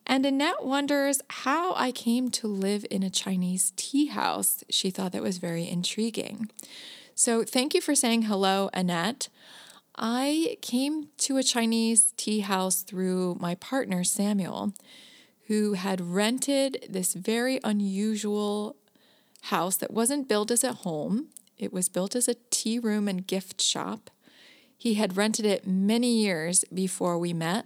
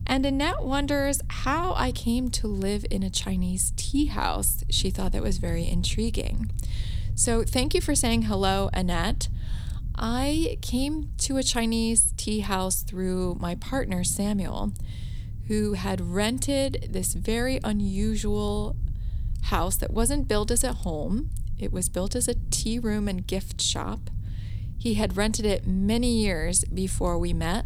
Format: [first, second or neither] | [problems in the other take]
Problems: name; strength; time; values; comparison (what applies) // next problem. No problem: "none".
first | low rumble; faint; throughout; 20 dB below the speech